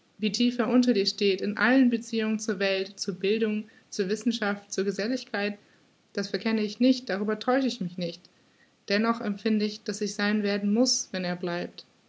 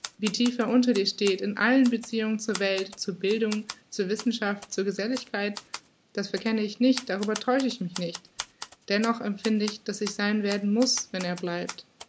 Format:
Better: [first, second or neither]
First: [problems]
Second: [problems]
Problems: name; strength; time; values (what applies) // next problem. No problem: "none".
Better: first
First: none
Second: background sound (Typewriter); 16 dB below the speech